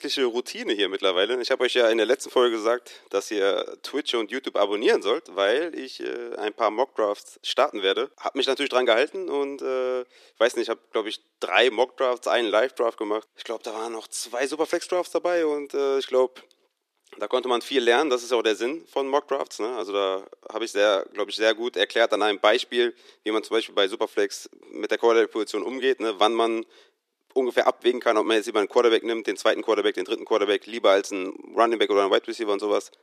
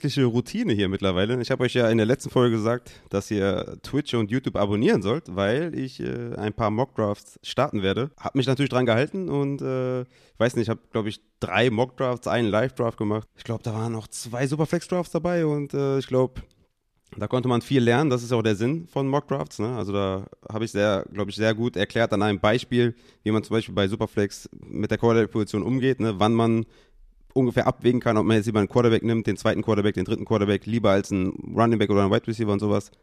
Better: second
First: thin; very; fading below 350 Hz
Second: none

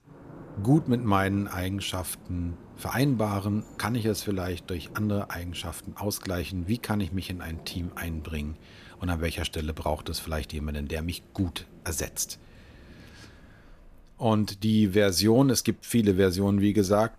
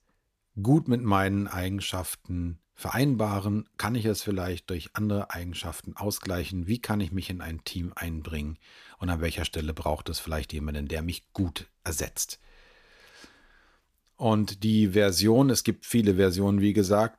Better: second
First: rain or running water; faint; throughout; 20 dB below the speech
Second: none

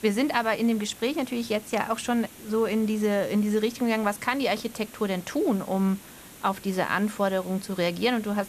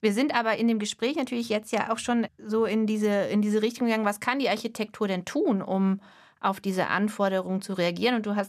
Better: second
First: hiss; noticeable; throughout; 20 dB below the speech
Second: none

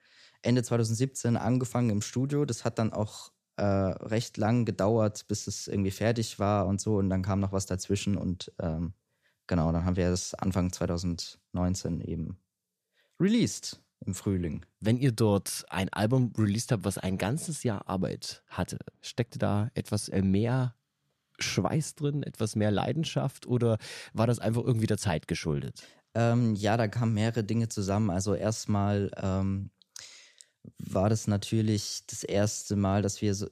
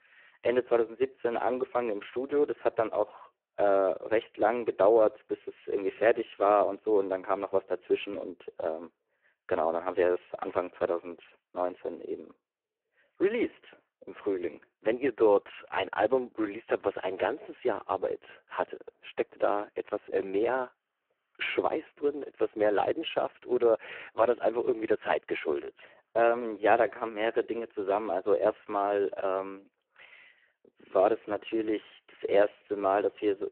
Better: first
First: none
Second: phone-call audio; poor line

